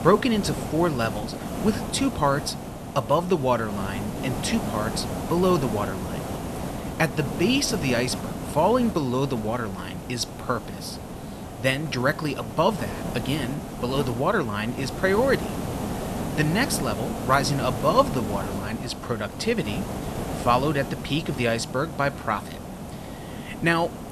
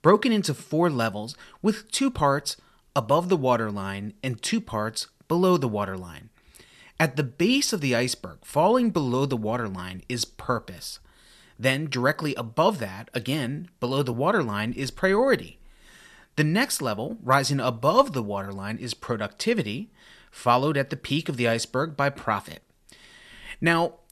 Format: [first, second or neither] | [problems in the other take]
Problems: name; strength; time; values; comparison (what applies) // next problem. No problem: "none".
second | hiss; loud; throughout; 7 dB below the speech